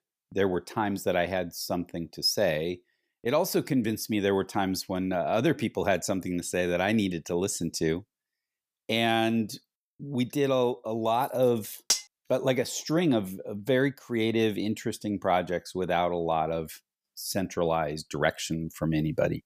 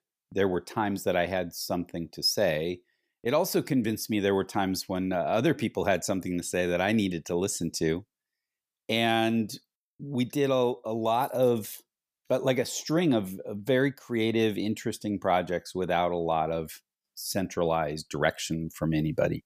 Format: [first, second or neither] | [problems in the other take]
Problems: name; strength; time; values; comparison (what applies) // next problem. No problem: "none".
second | clattering dishes; loud; at 12 s; peak 1 dB above the speech